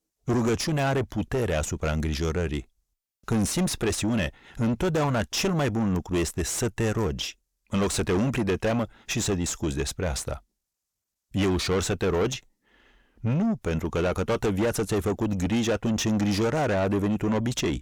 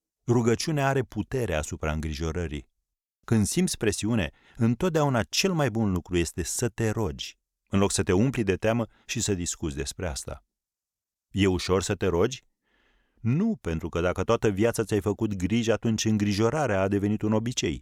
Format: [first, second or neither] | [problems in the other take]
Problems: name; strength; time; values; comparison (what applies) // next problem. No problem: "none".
second | distortion; heavy; 6 dB below the speech